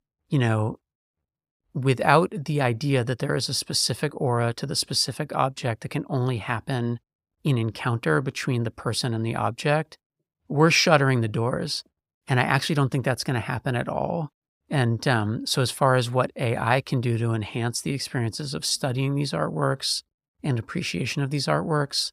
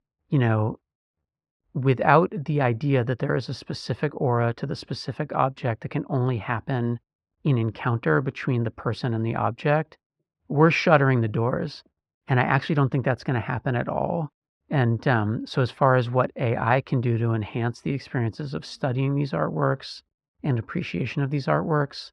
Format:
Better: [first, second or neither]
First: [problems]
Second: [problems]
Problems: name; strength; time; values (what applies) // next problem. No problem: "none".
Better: first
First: none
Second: muffled; slightly; fading above 2 kHz